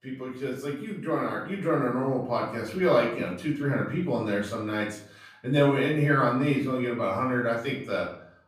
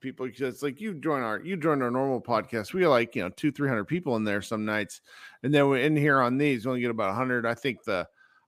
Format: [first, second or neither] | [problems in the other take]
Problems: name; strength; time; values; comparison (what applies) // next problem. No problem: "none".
second | off-mic speech; far // room echo; noticeable; dies away in 0.5 s